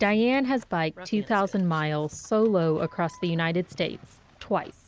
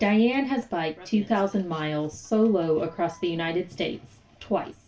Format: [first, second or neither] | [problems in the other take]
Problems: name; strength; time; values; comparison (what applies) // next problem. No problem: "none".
first | room echo; dies away in 0.2 s